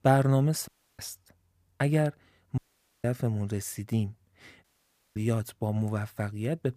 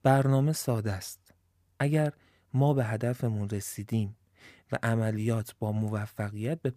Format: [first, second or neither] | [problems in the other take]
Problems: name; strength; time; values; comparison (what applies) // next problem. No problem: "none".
second | audio cutting out; at 0.5 s, at 2.5 s and at 4.5 s for 0.5 s